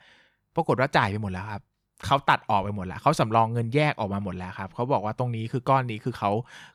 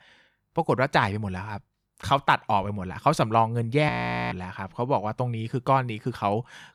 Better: first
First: none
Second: audio freezing; at 4 s

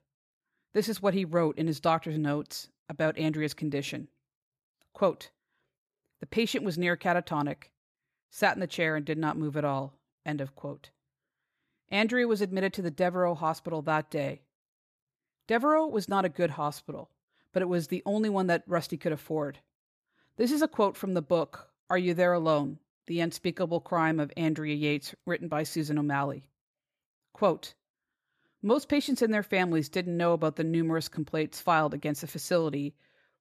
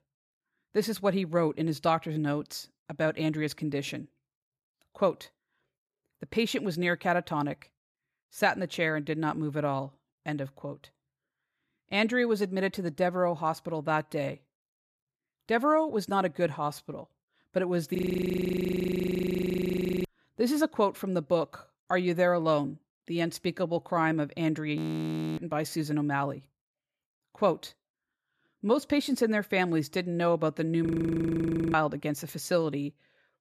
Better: first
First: none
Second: audio freezing; at 18 s for 2 s, at 25 s for 0.5 s and at 31 s for 1 s

